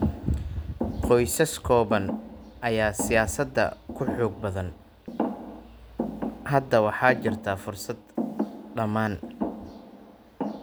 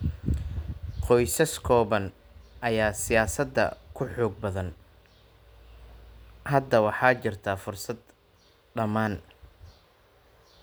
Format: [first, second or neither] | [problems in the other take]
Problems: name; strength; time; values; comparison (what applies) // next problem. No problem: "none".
second | background sound (Thump, thud); 7 dB below the speech